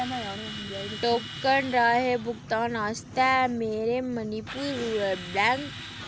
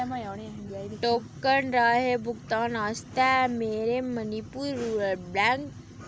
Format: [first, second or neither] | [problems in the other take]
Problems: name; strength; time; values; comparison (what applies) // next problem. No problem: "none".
second | background sound (Drill); 14 dB below the speech